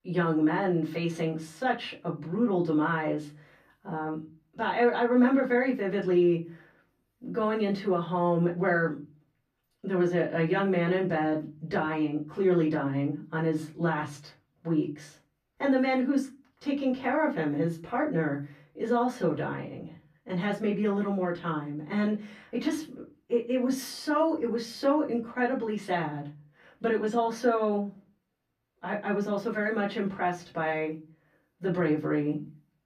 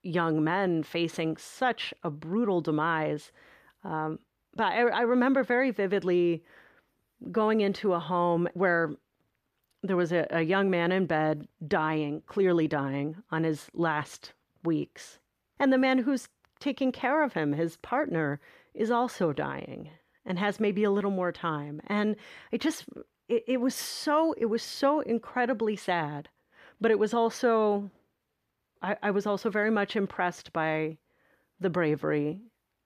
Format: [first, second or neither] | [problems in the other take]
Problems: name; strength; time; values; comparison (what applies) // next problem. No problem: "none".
second | off-mic speech; far // room echo; very slight; dies away in 0.3 s